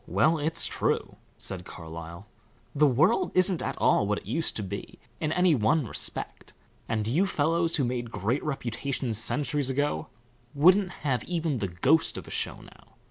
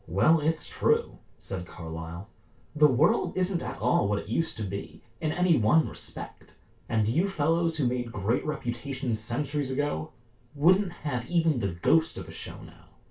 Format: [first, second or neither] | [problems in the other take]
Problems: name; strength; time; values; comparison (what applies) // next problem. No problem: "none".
first | room echo; dies away in 0.2 s